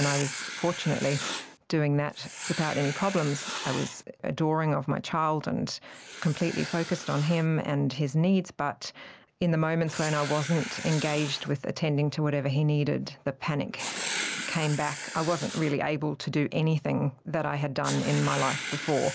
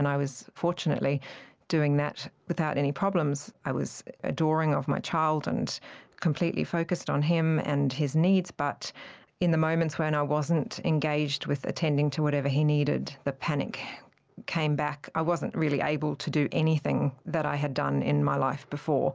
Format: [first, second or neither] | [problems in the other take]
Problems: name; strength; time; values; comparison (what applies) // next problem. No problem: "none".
second | background sound (Writing); 11 dB below the speech